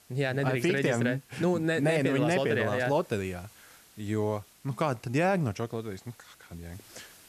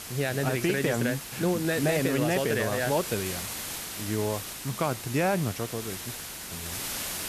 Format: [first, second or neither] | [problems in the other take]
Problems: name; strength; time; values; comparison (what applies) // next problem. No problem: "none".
first | hiss; loud; throughout; 7 dB below the speech; faint in the first